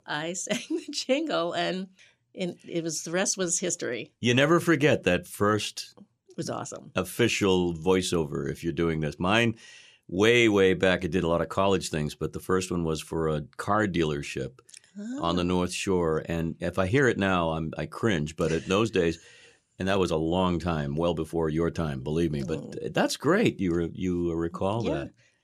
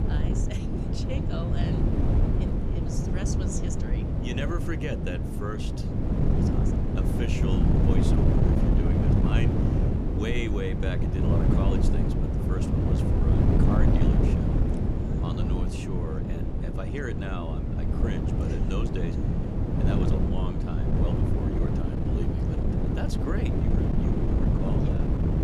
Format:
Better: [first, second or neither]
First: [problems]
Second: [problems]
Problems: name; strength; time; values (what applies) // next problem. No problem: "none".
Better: first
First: none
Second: wind noise on the microphone; heavy; 4 dB above the speech